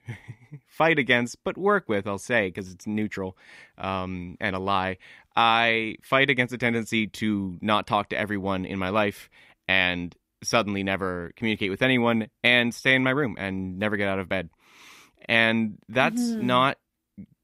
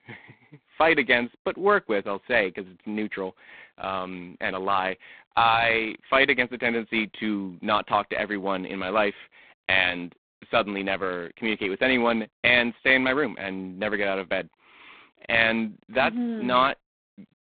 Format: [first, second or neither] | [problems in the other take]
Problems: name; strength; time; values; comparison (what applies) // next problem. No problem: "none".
first | phone-call audio; poor line; nothing above 3.5 kHz